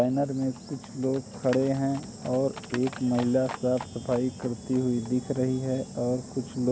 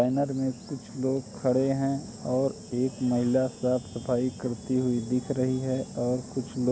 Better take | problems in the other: second | background sound (Telephone + Livestock, farm animals, working animals); 18 dB below the speech

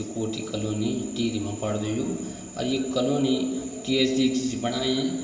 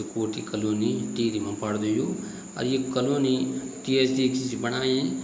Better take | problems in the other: second | room echo; dies away in 2.4 s

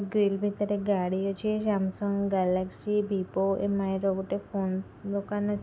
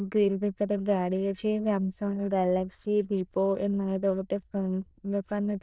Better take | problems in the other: first | noise reduction (neural diffusion model UNIVERSE++)

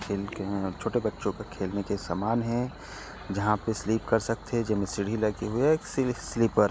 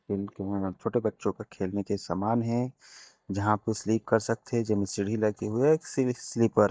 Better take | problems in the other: first | noise reduction (neural mask model DeepFilterNet 3)

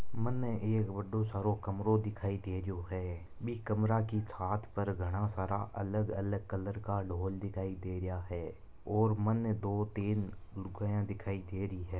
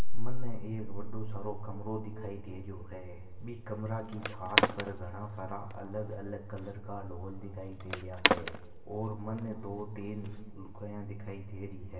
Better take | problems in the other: first | background sound (Skateboard); 5 dB below the speech // room echo; dies away in 2.5 s

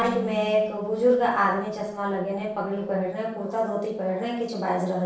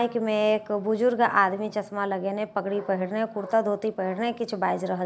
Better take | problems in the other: second | noise reduction (neural separator model SepFormer DNS4)

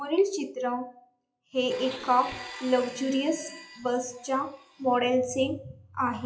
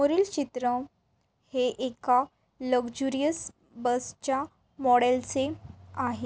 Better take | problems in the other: second | noise reduction (classical method WPE with log-MMSE)

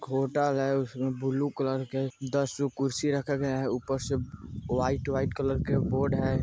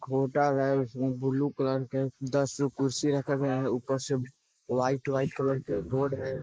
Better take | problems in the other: first | noise reduction (neural mask model Resemble Enhance denoiser)

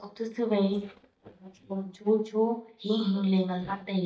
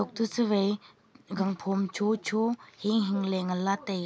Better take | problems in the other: second | noise reduction (neural mask model DeepFilterNet 3)

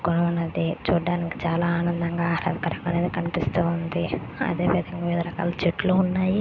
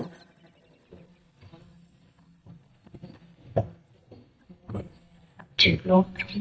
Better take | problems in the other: first | noise reduction (neural mask model DeepFilterNet 3)

